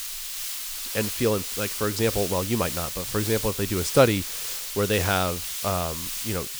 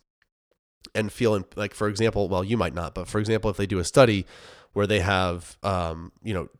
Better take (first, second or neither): second